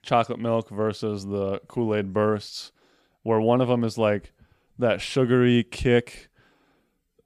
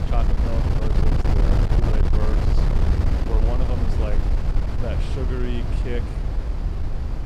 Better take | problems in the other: first | wind noise on the microphone; heavy; 2 dB above the speech

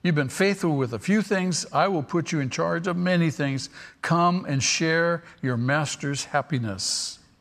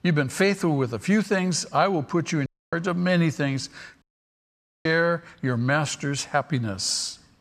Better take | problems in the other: first | audio cutting out; at 2.5 s and at 4 s for 1 s

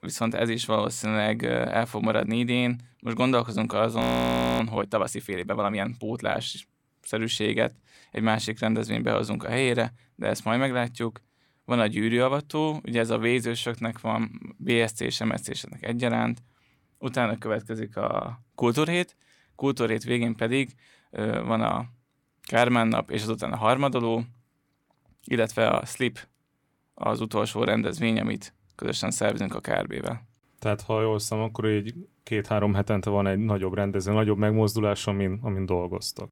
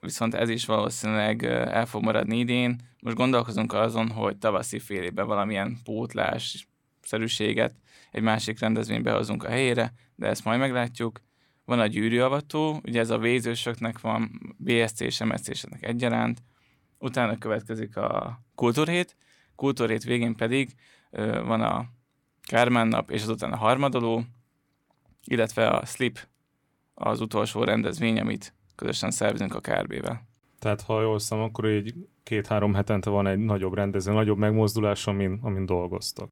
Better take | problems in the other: second | audio freezing; at 4 s for 0.5 s

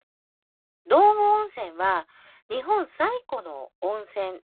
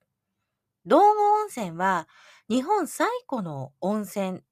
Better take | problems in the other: second | phone-call audio; poor line; nothing above 4 kHz

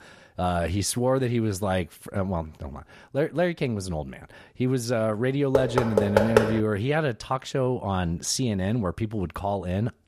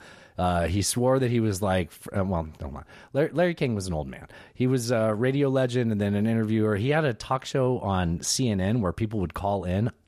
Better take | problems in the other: second | door banging; loud; from 5.5 to 6.5 s; peak 5 dB above the speech

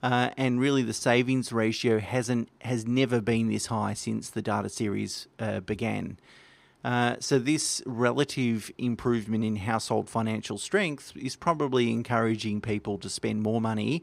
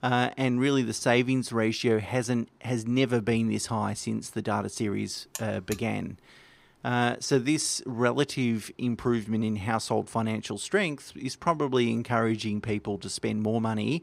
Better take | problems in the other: first | alarm; faint; at 5.5 s; peak 15 dB below the speech

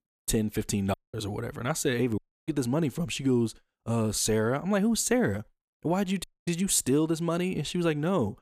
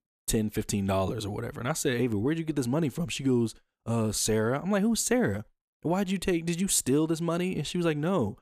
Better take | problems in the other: second | audio cutting out; at 1 s, at 2 s and at 6 s

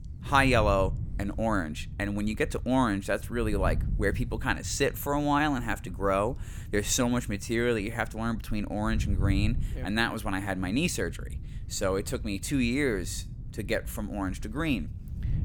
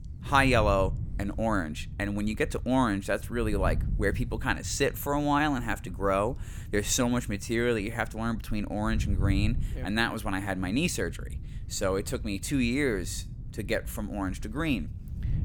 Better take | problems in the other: neither | wind noise on the microphone; occasional gusts; 20 dB below the speech; the same in both

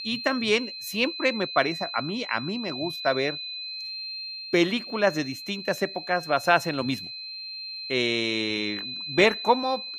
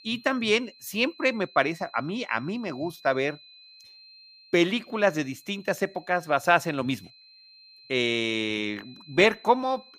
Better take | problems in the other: second | high-pitched whine; loud; throughout; 4 kHz, 8 dB below the speech; faint in the second

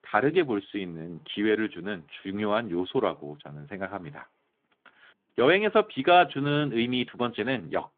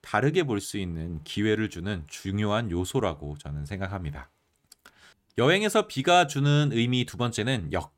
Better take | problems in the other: second | phone-call audio; nothing above 3.5 kHz

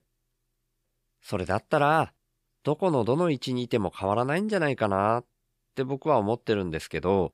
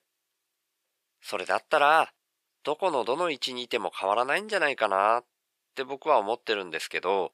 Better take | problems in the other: first | thin; very; fading below 600 Hz

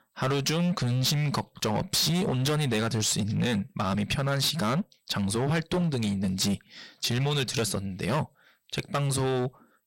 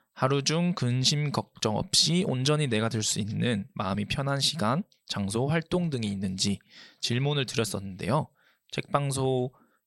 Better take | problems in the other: second | distortion; heavy; 18% of the sound clipped

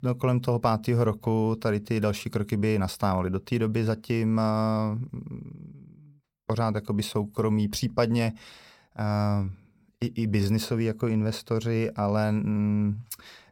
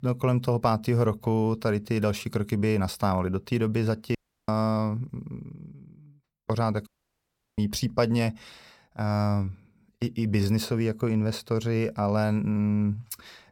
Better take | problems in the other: first | audio cutting out; at 4 s and at 7 s for 0.5 s

